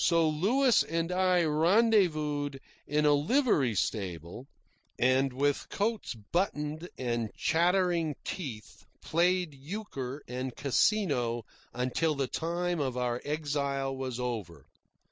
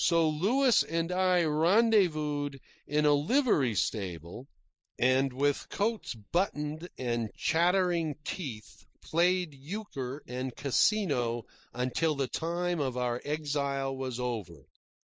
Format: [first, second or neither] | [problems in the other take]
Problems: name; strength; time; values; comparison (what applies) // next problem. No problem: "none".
first | noise reduction (neural mask model Resemble Enhance denoiser)